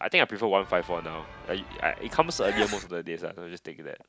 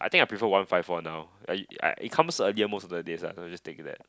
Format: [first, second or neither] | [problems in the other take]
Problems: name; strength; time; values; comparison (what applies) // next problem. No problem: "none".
second | background sound (Sneeze / Church bell); 9 dB below the speech